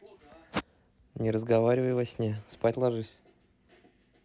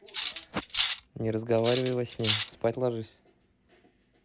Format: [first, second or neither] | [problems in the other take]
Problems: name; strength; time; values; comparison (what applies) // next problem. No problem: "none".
first | background sound (Cutlery, silverware); 3 dB below the speech